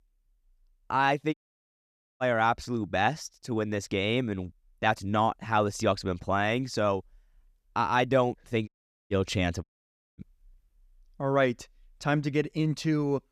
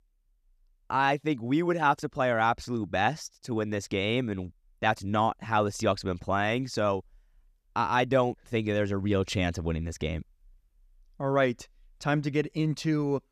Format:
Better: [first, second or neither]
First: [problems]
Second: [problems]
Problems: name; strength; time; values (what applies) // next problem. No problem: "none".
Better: second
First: audio cutting out; at 1.5 s for 1 s, at 8.5 s and at 9.5 s for 0.5 s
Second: none